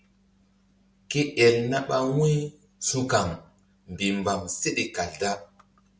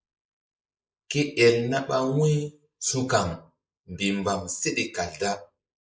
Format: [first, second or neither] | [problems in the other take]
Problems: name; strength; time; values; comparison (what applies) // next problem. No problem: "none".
first | noise reduction (neural mask model Resemble Enhance denoiser)